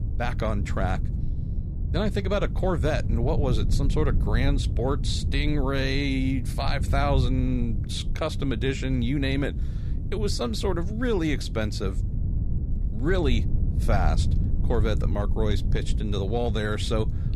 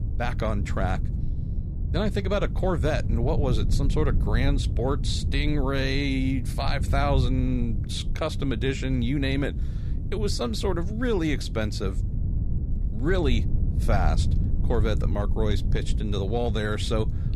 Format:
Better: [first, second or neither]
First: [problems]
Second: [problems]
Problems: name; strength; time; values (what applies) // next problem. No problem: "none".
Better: neither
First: wind noise on the microphone; occasional gusts; 15 dB below the speech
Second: wind noise on the microphone; occasional gusts; 15 dB below the speech